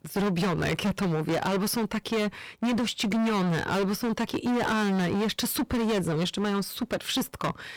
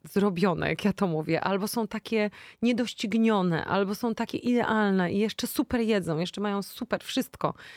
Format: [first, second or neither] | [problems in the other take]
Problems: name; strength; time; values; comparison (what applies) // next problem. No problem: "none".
second | distortion; heavy; 27% of the sound clipped